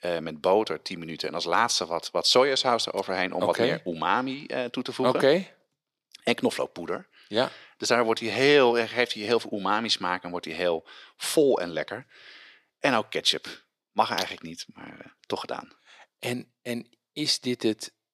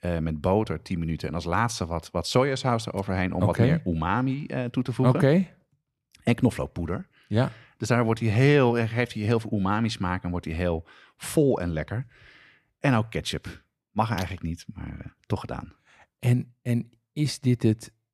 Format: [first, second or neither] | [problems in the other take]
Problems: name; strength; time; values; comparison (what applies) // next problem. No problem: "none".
second | thin; somewhat; fading below 400 Hz